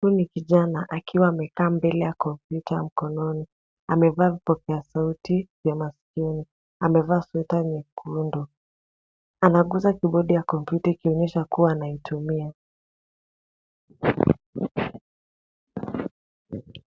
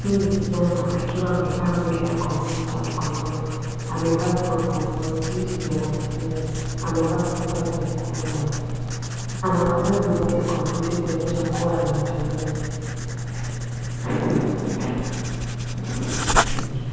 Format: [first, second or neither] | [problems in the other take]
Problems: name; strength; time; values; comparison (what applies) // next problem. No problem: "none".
first | background sound (Writing); 2 dB below the speech // room echo; dies away in 2.1 s